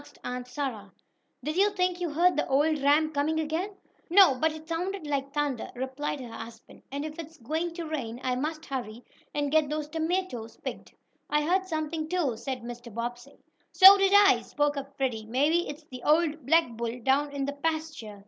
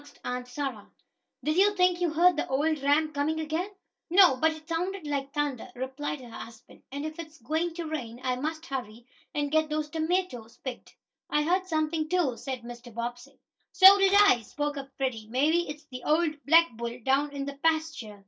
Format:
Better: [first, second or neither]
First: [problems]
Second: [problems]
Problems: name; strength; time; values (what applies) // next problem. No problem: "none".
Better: first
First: none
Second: noise reduction (neural mask model DeepFilterNet 3)